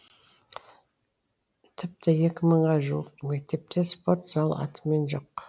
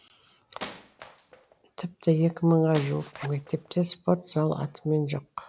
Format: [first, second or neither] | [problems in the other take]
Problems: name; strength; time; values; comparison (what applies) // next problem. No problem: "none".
first | background sound (Zipper (clothing) + Wood); 17 dB below the speech